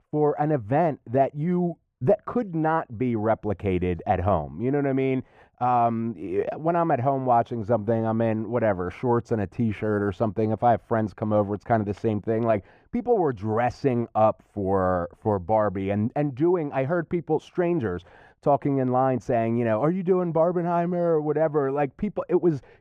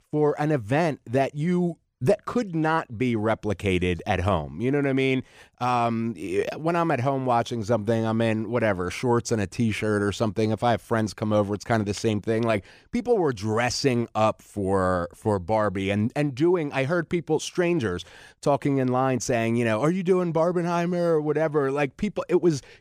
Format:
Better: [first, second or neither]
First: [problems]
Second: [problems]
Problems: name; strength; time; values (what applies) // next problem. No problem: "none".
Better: second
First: muffled; very; fading above 3 kHz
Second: none